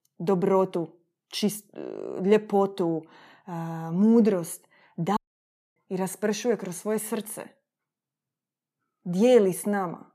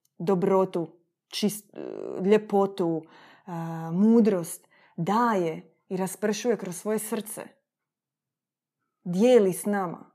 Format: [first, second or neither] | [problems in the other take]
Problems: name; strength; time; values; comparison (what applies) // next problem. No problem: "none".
second | audio cutting out; at 5 s for 0.5 s